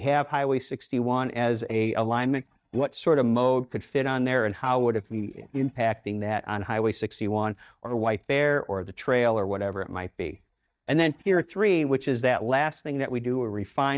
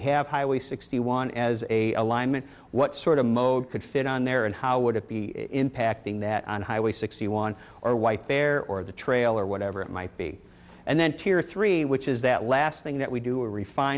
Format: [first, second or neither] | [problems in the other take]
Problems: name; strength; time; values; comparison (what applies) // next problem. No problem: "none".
second | noise reduction (neural mask model DeepFilterNet 3)